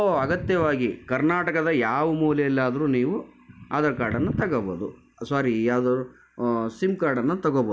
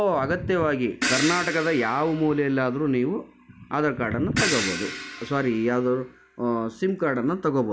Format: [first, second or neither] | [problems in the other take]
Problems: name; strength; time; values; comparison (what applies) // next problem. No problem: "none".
first | background sound (Crash cymbal); 7 dB below the speech